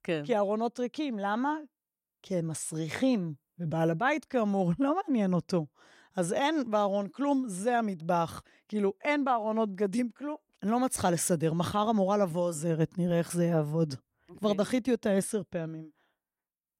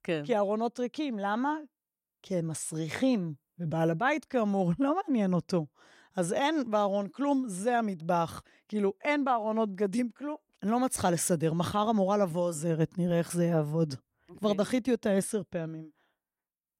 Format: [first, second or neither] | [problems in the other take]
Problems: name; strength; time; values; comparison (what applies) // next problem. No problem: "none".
neither | none